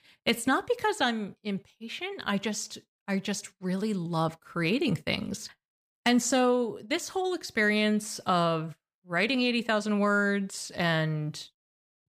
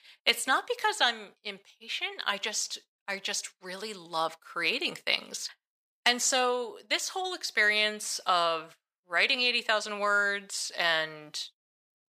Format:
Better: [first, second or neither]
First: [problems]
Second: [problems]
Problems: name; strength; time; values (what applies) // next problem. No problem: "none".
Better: first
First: none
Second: thin; very; fading below 600 Hz